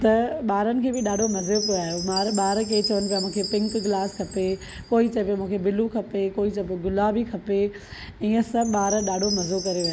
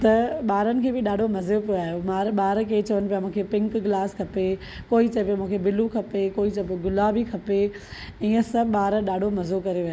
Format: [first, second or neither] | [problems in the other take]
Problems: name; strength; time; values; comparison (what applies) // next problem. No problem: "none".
second | background sound (Chime); 11 dB below the speech